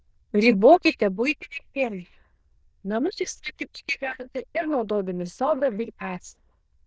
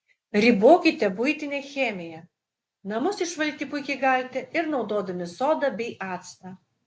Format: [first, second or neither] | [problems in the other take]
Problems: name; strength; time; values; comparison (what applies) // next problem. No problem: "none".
second | noise reduction (neural diffusion model UNIVERSE++)